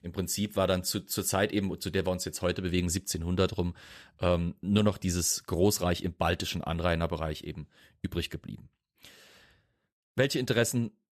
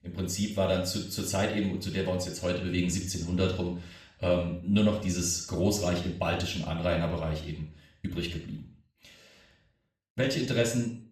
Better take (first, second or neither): first